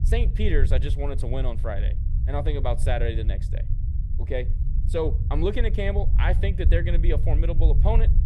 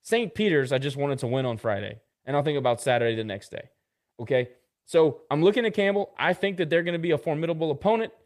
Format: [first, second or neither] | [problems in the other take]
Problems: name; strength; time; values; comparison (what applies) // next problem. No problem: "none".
second | low rumble; noticeable; throughout; 10 dB below the speech